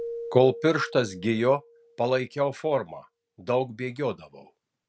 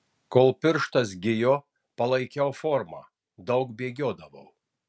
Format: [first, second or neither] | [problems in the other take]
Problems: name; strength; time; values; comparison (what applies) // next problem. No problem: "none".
second | background sound (Keyboard (musical)); 16 dB below the speech